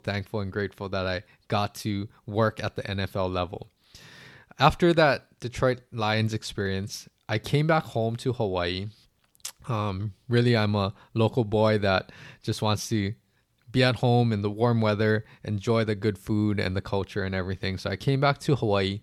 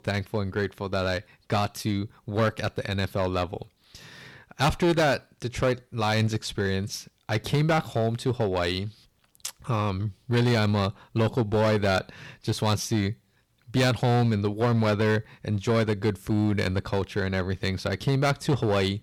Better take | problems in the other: first | distortion; slight; 7% of the sound clipped

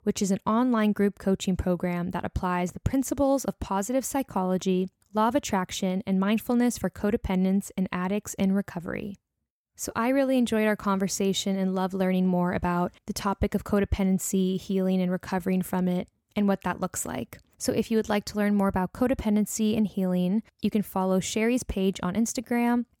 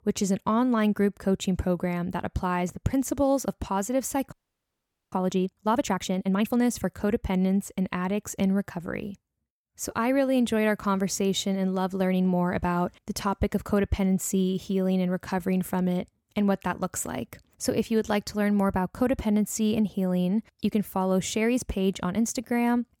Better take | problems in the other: first | audio freezing; at 4.5 s for 1 s

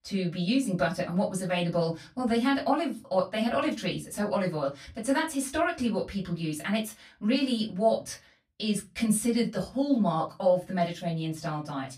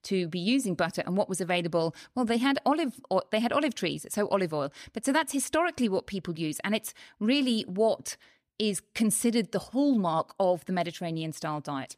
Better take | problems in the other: second | off-mic speech; far // room echo; very slight; dies away in 0.2 s

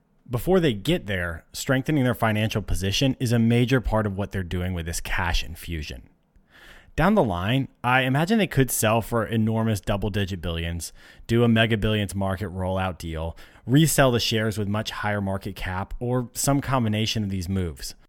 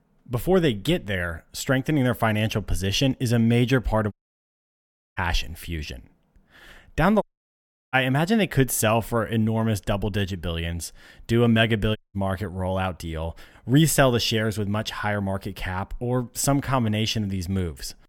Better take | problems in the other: first | audio cutting out; at 4 s for 1 s, at 7 s for 0.5 s and at 12 s

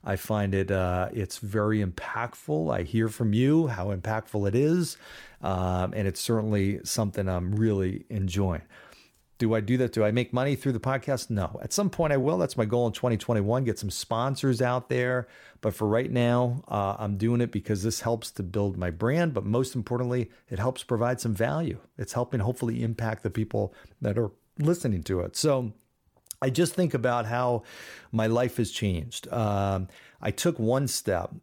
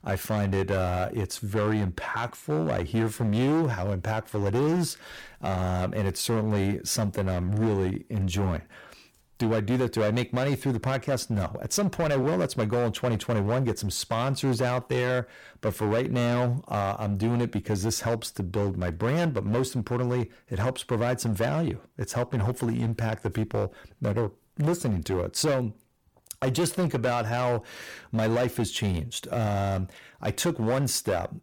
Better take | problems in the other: first | distortion; slight; 13% of the sound clipped

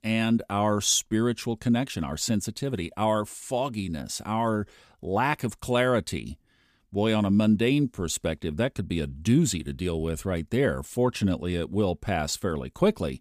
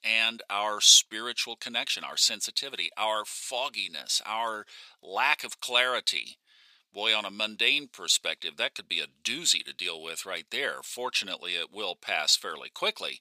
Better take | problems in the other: first | thin; very; fading below 850 Hz

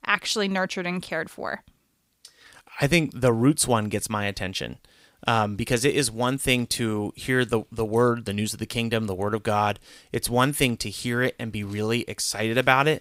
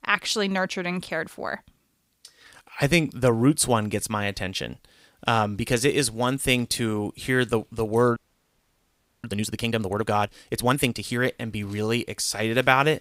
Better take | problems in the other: first | audio freezing; at 8 s for 1 s

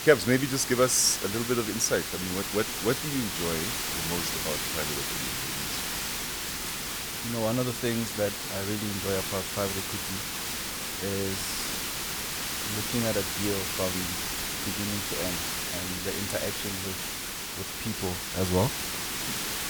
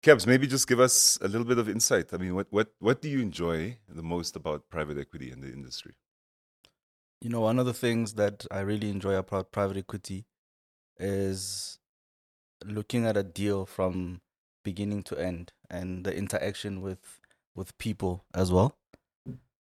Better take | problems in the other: second | hiss; loud; throughout; as loud as the speech

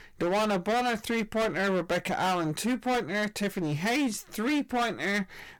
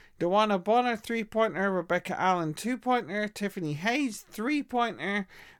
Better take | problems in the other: second | distortion; heavy; 23% of the sound clipped

